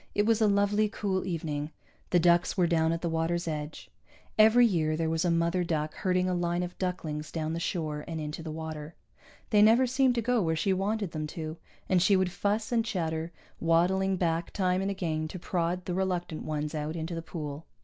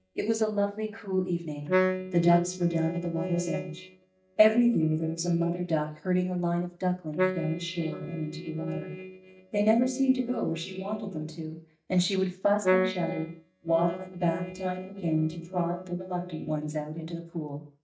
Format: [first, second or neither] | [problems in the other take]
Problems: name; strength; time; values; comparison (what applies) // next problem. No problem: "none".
first | noise reduction (neural mask model DeepFilterNet 3)